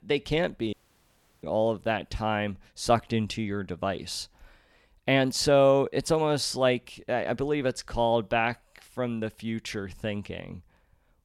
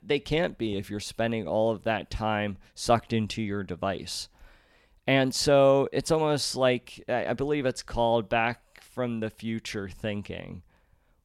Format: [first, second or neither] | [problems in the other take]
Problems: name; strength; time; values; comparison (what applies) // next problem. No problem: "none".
second | audio cutting out; at 0.5 s for 0.5 s